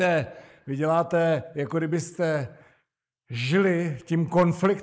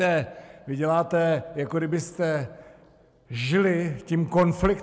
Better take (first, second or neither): second